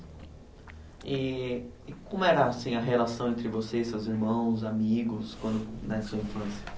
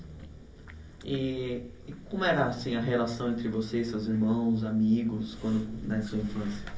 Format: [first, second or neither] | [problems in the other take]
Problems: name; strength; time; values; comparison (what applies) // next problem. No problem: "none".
first | room echo; dies away in 1.1 s